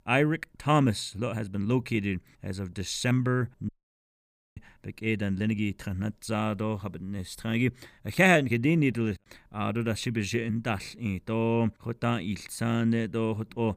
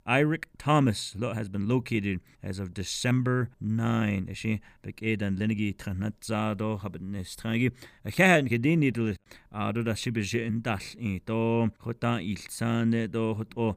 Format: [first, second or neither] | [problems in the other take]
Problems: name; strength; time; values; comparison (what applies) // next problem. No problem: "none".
second | audio cutting out; at 3.5 s for 1 s